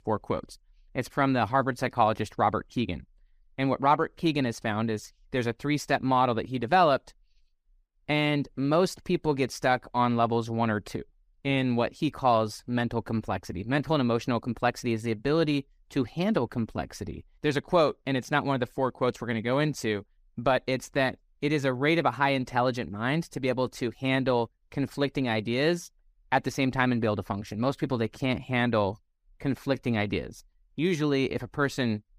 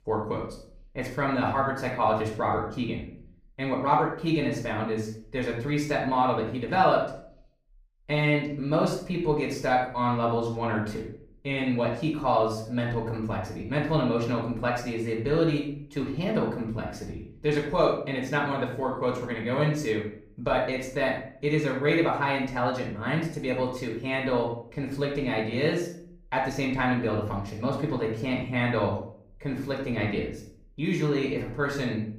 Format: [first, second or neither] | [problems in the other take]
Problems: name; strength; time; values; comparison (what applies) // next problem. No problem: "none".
first | off-mic speech; far // room echo; noticeable; dies away in 0.5 s